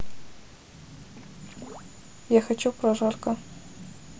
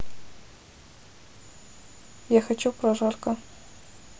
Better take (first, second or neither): second